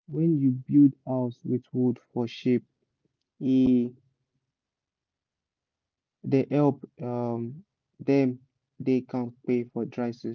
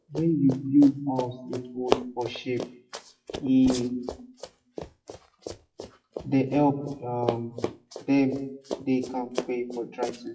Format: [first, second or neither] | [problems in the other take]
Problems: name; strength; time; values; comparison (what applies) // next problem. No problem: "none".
first | noise reduction (classical method WPE with log-MMSE)